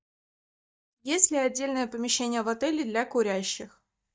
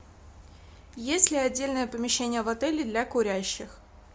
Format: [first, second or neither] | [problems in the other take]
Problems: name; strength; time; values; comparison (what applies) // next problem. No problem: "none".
second | noise reduction (neural mask model DeepFilterNet 3)